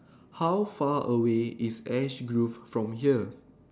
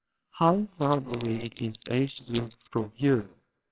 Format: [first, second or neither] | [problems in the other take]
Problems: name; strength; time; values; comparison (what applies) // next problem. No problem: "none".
first | noise reduction (neural separator model SepFormer WHAMR!)